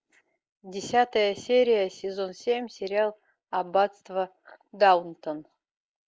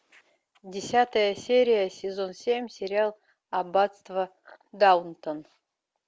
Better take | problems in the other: second | noise reduction (neural mask model Resemble Enhance denoiser)

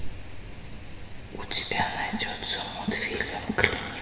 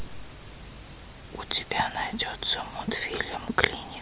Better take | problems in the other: second | background sound (Insect); 13 dB below the speech // room echo; dies away in 2 s

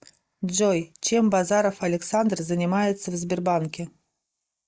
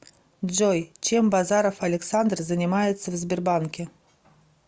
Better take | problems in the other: second | noise reduction (neural mask model Resemble Enhance denoiser)

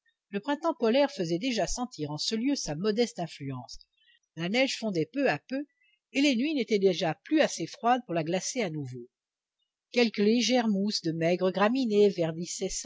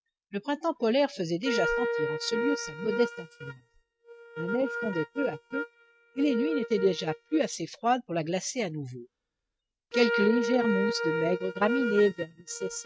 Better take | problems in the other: first | noise reduction (neural mask model RNNoise)

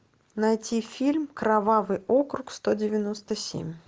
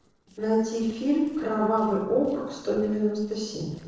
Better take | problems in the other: first | noise reduction (neural separator model SepFormer DNS4)

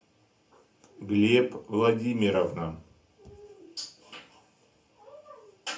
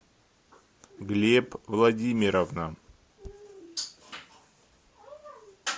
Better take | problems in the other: second | room echo; dies away in 0.3 s

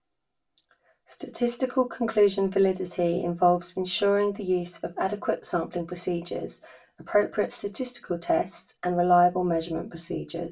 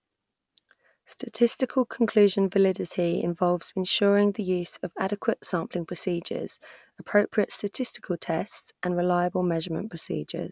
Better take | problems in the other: second | room echo; dies away in 0.2 s

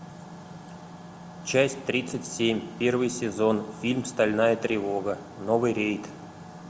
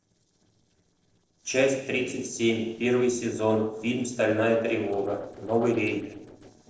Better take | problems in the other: first | noise reduction (neural separator model SepFormer DNS4)

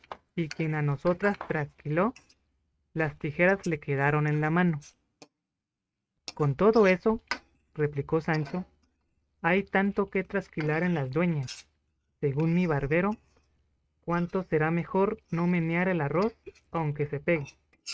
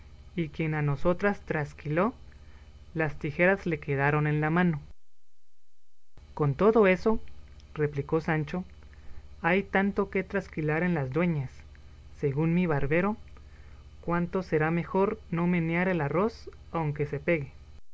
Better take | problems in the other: second | noise reduction (neural mask model RNNoise)

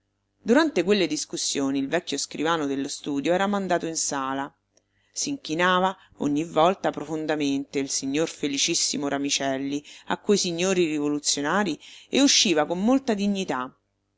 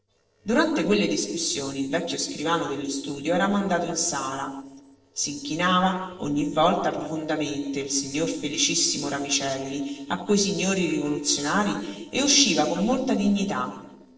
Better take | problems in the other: first | noise reduction (neural separator model SepFormer DNS4)

